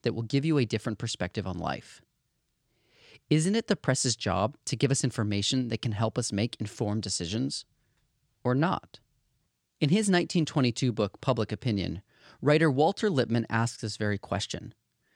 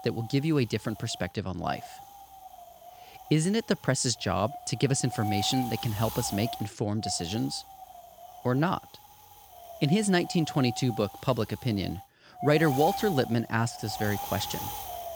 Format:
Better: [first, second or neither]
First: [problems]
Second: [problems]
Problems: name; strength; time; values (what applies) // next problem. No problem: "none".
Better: first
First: none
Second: wind noise on the microphone; heavy; 8 dB below the speech